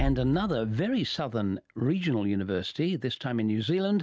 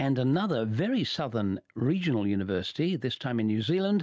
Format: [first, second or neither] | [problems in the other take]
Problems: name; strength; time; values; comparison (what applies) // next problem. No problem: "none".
second | background sound (Bass drum); 13 dB below the speech